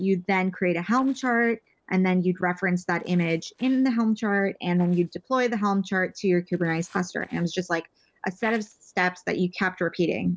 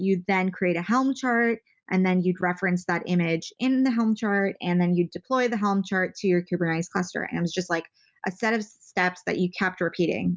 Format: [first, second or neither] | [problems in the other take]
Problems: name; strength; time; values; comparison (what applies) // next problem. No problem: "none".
second | noise reduction (neural separator model SepFormer DNS4)